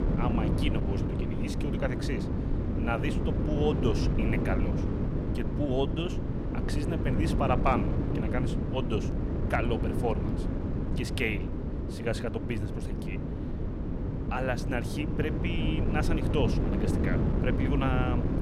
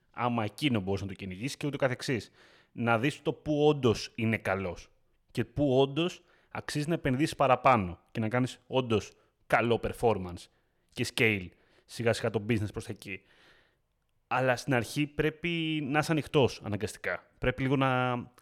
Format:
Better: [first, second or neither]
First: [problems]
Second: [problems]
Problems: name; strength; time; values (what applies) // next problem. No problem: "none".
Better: second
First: wind noise on the microphone; heavy; 3 dB below the speech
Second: none